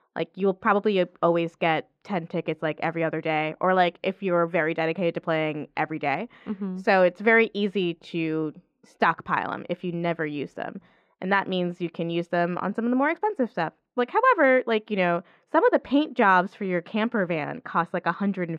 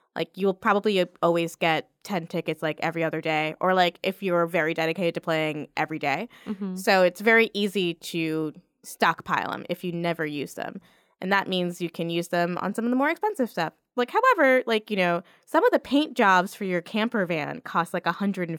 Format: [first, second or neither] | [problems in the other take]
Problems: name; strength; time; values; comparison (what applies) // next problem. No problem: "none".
second | muffled; slightly; fading above 2.5 kHz